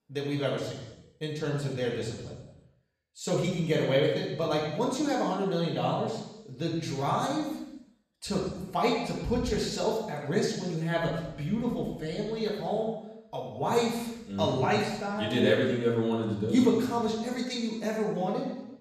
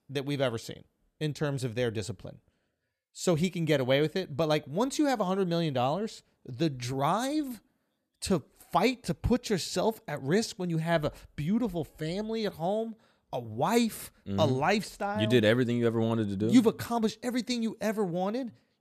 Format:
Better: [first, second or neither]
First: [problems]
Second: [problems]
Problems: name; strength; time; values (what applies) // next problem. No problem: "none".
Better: second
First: room echo; noticeable; dies away in 0.9 s // off-mic speech; far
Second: none